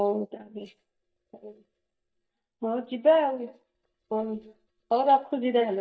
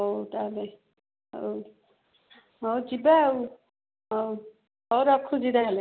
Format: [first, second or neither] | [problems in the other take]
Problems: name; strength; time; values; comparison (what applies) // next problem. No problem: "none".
second | noise reduction (neural mask model DeepFilterNet 3)